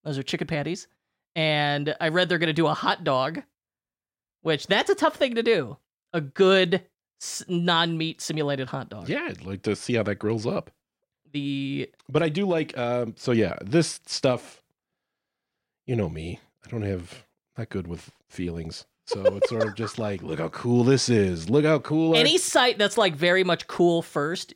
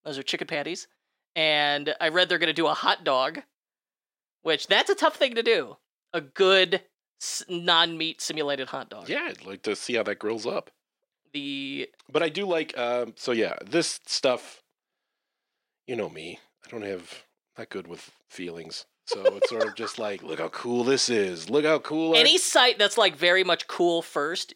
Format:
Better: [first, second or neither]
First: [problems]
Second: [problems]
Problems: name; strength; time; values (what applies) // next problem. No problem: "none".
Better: first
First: none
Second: thin; somewhat; fading below 350 Hz